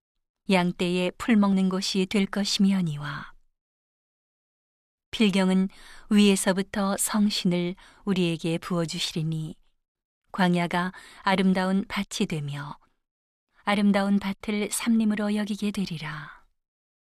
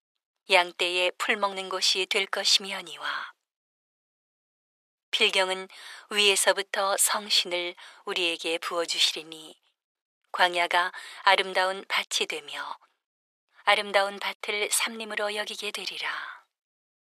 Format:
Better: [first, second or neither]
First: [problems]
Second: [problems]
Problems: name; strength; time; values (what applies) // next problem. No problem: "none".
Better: first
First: none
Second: thin; very; fading below 450 Hz